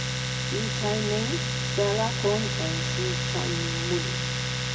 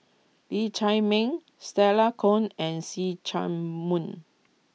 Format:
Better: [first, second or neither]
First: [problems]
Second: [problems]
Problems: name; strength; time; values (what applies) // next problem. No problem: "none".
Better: second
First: background sound (Domestic sounds, home sounds); 3 dB above the speech // room echo; dies away in 2.5 s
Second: none